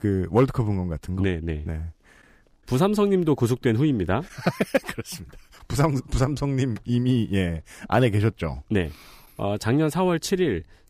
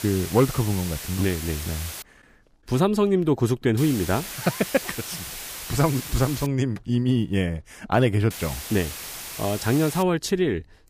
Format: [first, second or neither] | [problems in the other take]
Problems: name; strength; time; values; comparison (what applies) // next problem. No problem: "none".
first | hiss; loud; until 2 s, from 4 to 6.5 s and from 8.5 to 10 s; 9 dB below the speech